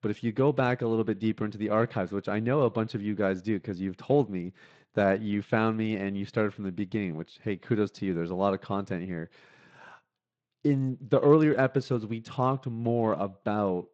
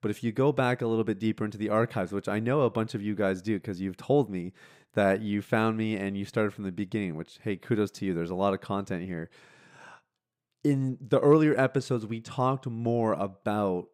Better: second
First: garbled, watery; slightly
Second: none

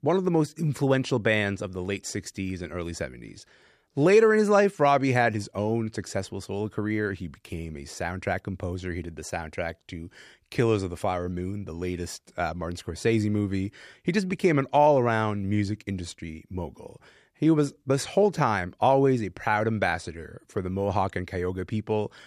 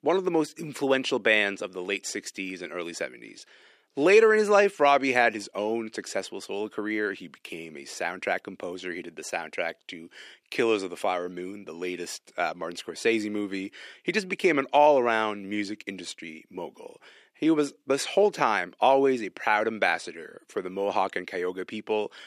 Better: first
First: none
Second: thin; somewhat; fading below 300 Hz

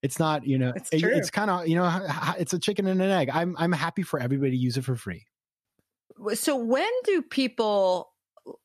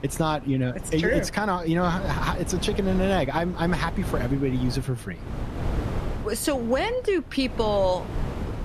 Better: first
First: none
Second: wind noise on the microphone; occasional gusts; 15 dB below the speech

